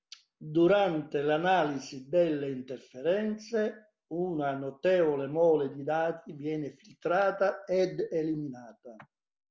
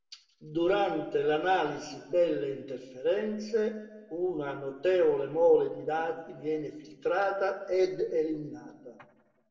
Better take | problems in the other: first | room echo; dies away in 0.9 s

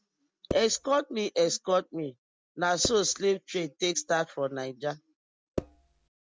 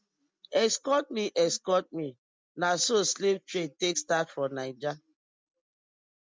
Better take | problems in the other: second | background sound (Percussion); 8 dB below the speech

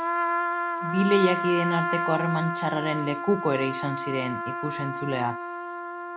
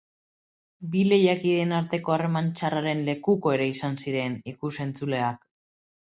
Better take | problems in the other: second | background sound (Trumpet); 2 dB below the speech

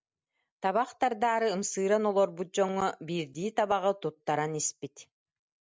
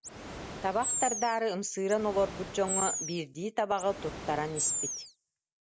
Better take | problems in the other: first | background sound (Animal); 3 dB below the speech

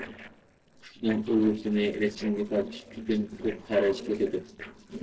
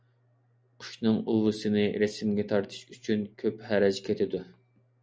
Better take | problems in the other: second | noise reduction (neural separator model SepFormer DNS4)

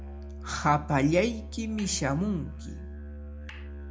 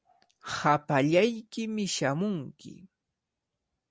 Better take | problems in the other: second | background sound (Musical instrument); 10 dB below the speech // room echo; dies away in 0.3 s

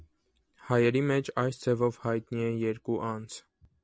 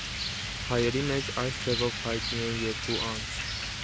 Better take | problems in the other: first | background sound (Rain); 1 dB below the speech

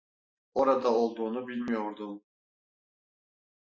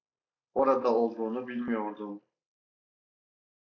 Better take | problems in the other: first | noise reduction (neural mask model Resemble Enhance denoiser)

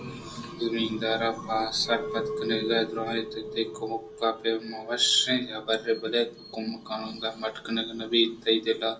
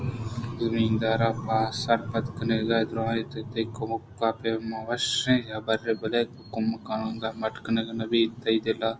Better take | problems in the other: second | background sound (Chink, clink); 13 dB below the speech // room echo; dies away in 0.2 s

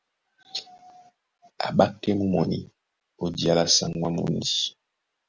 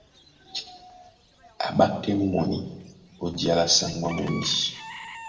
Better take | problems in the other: first | background sound (Bird / Chicken, rooster); 18 dB below the speech // room echo; dies away in 0.8 s

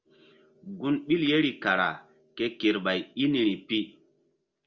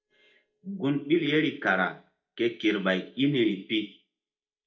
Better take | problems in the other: first | noise reduction (neural mask model DeepFilterNet 3)

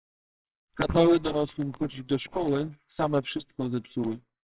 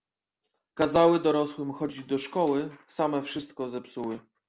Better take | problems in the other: second | noise reduction (neural separator model SepFormer WHAMR!)

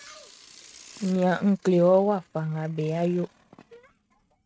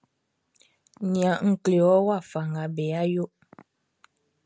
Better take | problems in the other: second | noise reduction (neural mask model RNNoise)

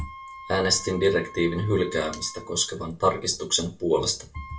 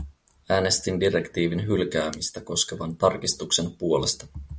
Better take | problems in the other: second | background sound (Wind instrument, woodwind instrument); 18 dB below the speech // room echo; dies away in 0.2 s

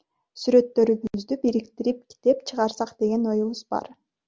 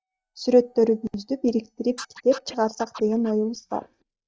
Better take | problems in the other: first | noise reduction (neural mask model DeepFilterNet 3)

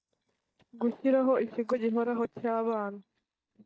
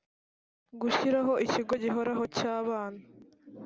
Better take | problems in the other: second | noise reduction (neural mask model DeepFilterNet 3)

